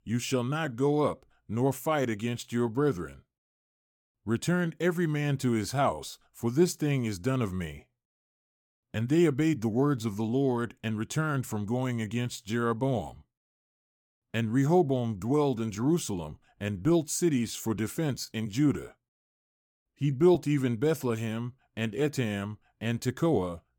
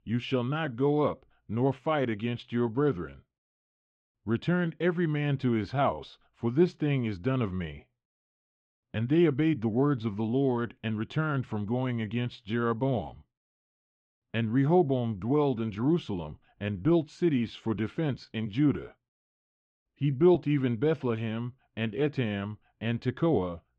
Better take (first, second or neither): first